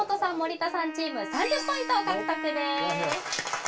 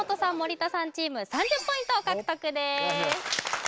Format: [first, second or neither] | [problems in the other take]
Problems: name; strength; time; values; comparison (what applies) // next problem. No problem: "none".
second | background sound (Wind instrument, woodwind instrument); 9 dB below the speech // room echo; dies away in 0.2 s